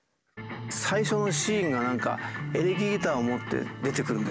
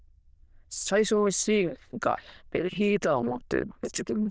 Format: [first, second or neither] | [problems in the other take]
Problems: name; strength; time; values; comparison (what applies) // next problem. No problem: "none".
first | noise reduction (neural diffusion model UNIVERSE++)